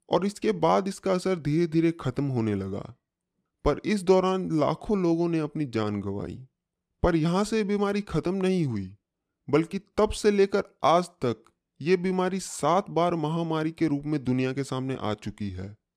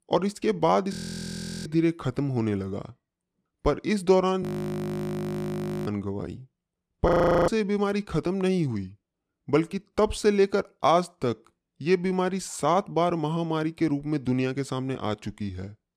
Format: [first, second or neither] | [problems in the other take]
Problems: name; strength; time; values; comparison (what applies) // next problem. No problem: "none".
first | audio freezing; at 1 s for 0.5 s, at 4.5 s for 1.5 s and at 7 s